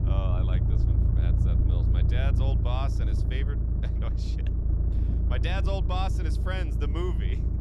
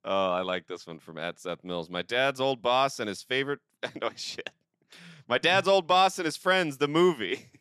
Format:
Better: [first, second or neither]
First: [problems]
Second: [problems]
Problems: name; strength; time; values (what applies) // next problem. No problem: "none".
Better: second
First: low rumble; loud; throughout; 4 dB below the speech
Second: none